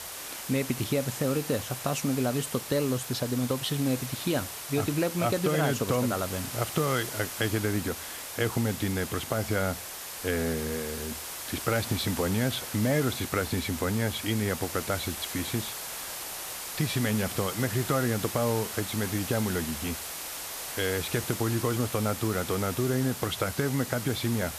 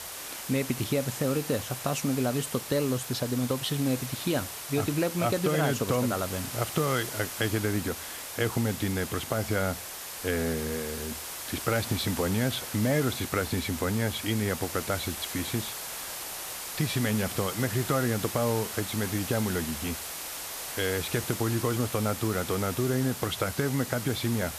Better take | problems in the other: neither | hiss; loud; throughout; 6 dB below the speech; the same in both

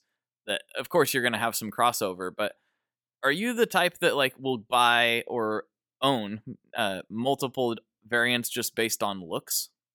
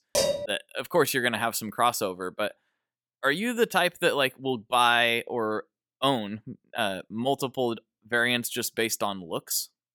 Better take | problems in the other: first | clattering dishes; loud; at the start; peak 1 dB above the speech

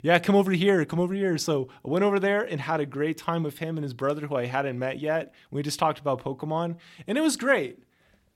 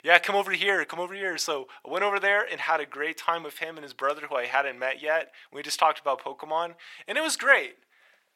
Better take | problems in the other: first | thin; very; fading below 750 Hz

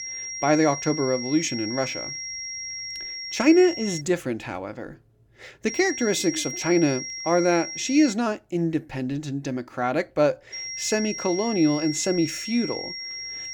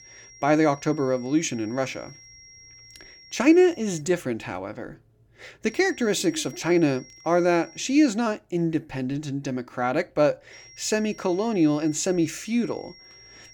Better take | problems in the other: second | high-pitched whine; loud; until 4 s, from 5.5 to 8 s and from 11 s on; 5.5 kHz, 7 dB below the speech; faint in the second

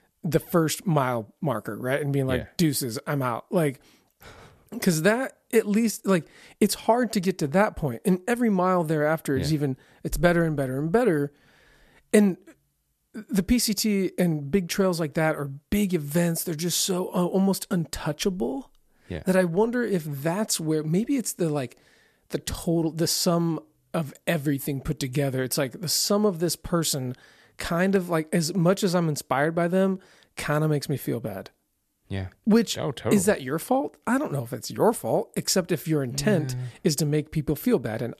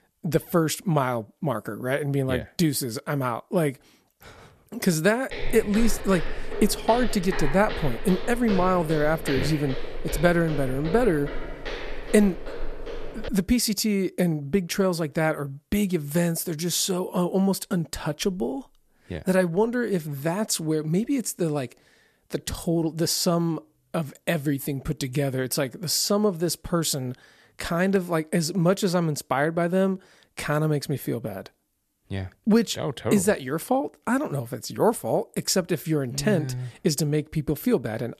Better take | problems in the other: first | footsteps; noticeable; from 5.5 to 13 s; peak 7 dB below the speech

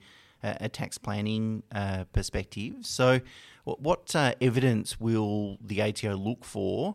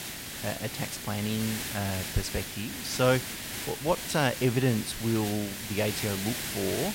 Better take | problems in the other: first | hiss; loud; throughout; 5 dB below the speech

